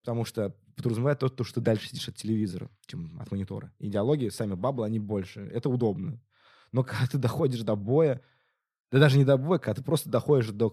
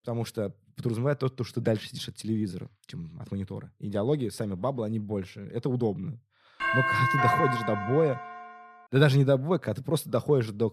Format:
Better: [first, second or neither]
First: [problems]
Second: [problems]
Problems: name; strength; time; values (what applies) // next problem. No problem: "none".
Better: first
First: none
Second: doorbell; loud; from 6.5 to 8 s; peak 5 dB above the speech